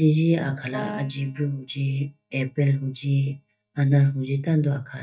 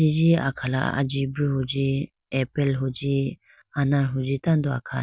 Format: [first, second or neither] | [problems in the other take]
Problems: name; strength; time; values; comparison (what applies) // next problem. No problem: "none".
second | noise reduction (neural mask model DeepFilterNet 3)